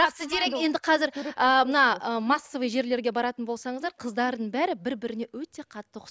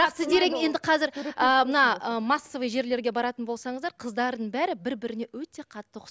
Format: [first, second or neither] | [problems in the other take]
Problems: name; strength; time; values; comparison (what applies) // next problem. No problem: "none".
second | noise reduction (neural mask model Resemble Enhance denoiser)